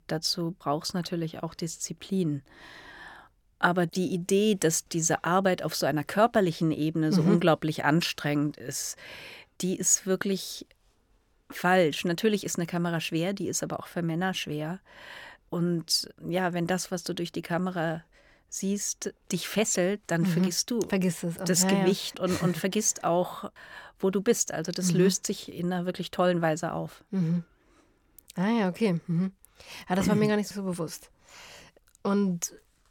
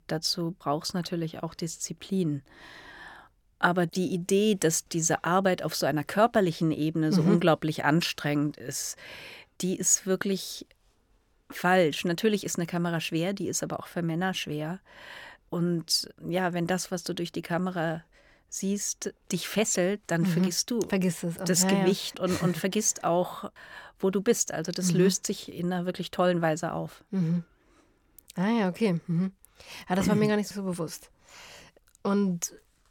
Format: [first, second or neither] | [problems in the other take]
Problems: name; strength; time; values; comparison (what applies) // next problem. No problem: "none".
neither | none